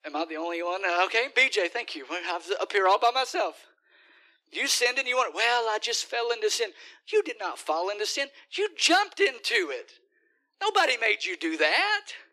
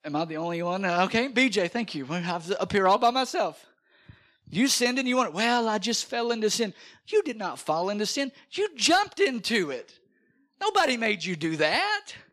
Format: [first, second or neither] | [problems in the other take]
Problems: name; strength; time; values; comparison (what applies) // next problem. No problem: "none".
second | thin; very; fading below 300 Hz